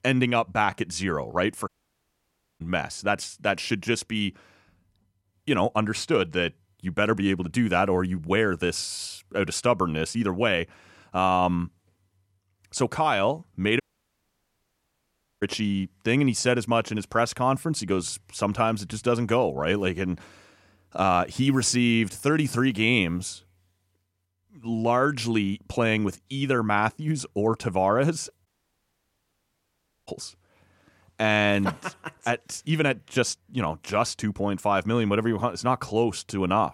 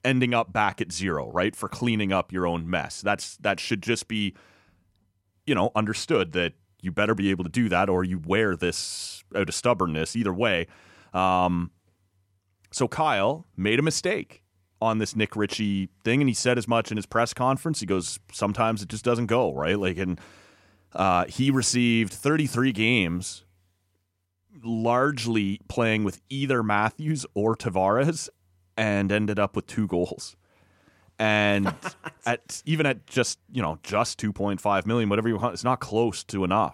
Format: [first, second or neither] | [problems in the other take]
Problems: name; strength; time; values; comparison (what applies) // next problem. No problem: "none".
second | audio cutting out; at 1.5 s for 1 s, at 14 s for 1.5 s and at 28 s for 1.5 s